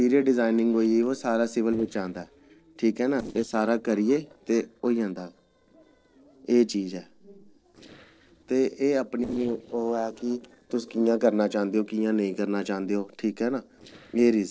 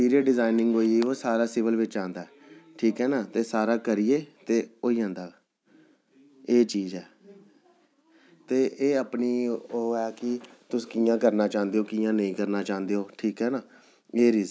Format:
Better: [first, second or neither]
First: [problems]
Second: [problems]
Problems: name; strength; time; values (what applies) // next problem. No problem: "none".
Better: second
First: noise reduction (neural separator model SepFormer DNS4)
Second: none